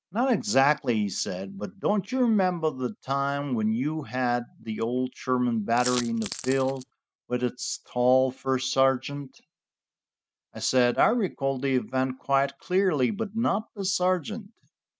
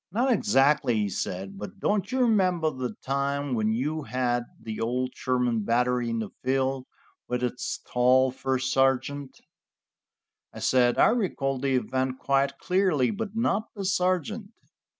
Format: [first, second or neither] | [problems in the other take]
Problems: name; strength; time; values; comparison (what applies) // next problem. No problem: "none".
second | noise reduction (neural mask model RNNoise)